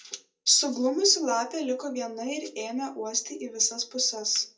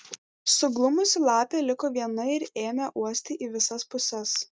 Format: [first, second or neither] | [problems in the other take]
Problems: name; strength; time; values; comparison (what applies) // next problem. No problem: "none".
second | room echo; dies away in 0.2 s